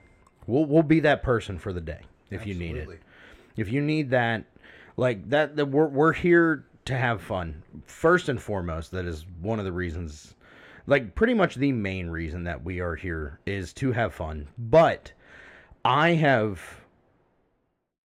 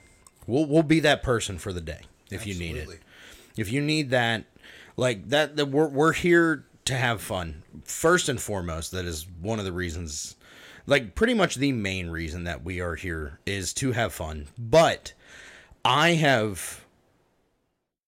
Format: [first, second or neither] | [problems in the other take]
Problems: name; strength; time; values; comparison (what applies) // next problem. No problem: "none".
second | muffled; slightly; fading above 3.5 kHz